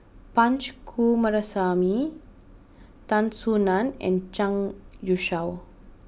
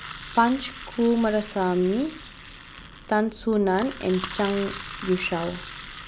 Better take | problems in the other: first | background sound (Engine); 14 dB below the speech

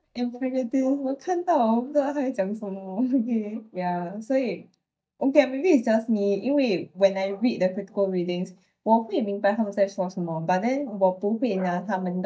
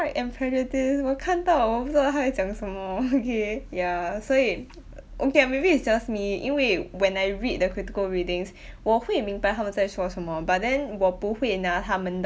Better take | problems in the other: second | noise reduction (neural mask model DeepFilterNet 3)

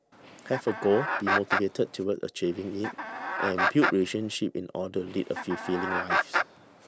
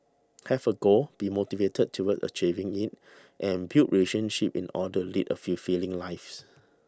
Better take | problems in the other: second | background sound (Chicken, rooster); 1 dB below the speech

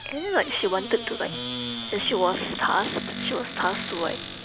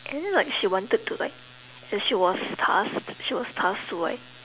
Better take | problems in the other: second | background sound (Squeak / Cupboard open or close); 7 dB below the speech

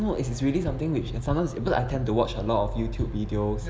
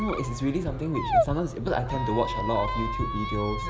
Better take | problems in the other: first | background sound (Squeak); 3 dB below the speech

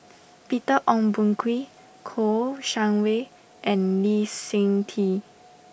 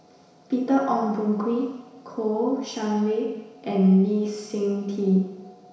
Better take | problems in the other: first | room echo; dies away in 1 s

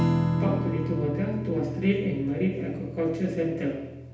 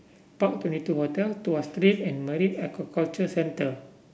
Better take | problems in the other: second | background sound (Strum); 2 dB below the speech // room echo; dies away in 0.9 s

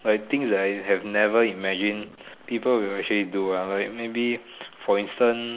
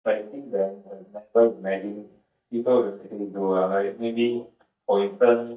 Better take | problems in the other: first | noise reduction (neural mask model DeepFilterNet 3)

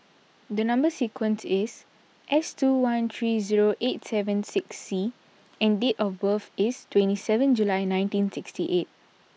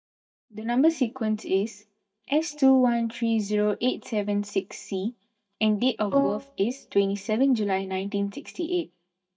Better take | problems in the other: first | noise reduction (neural mask model DeepFilterNet 3)

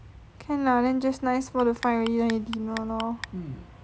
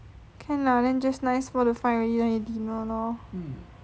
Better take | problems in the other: second | background sound (Clock); 15 dB below the speech

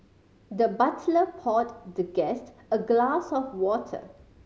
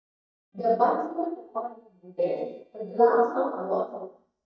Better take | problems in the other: first | noise reduction (neural mask model DeepFilterNet 3)

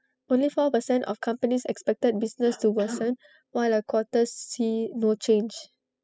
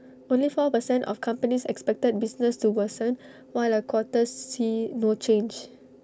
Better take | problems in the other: second | noise reduction (classical method spectral subtraction)

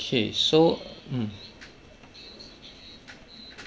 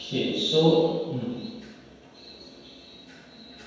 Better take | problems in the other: first | room echo; dies away in 1.2 s

